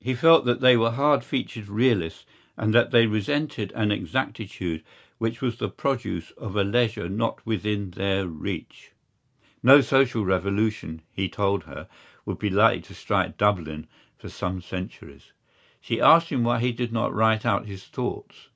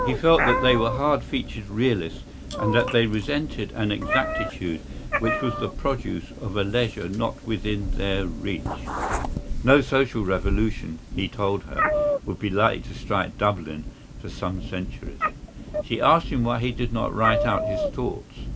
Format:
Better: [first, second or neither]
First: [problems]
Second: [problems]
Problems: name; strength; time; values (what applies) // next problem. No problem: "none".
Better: first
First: none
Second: background sound (Meow); 4 dB below the speech